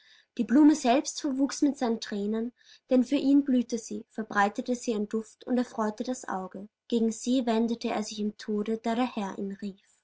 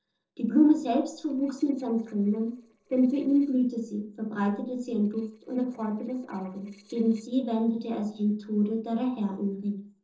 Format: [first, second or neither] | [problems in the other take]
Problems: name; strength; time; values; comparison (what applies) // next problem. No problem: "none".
first | noise reduction (neural separator model SepFormer DNS4)